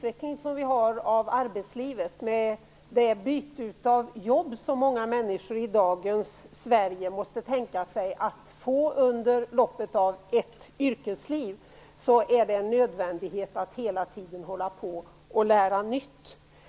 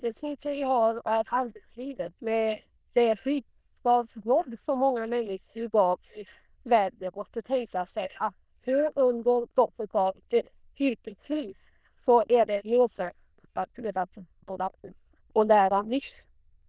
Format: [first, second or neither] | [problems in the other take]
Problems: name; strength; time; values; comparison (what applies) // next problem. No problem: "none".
first | noise reduction (neural diffusion model UNIVERSE++)